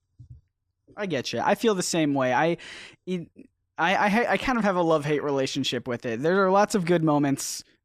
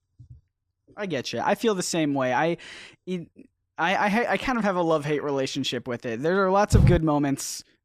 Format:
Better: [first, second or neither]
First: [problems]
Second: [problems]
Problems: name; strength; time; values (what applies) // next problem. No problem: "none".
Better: first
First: none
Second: door banging; loud; at 6.5 s; peak 4 dB above the speech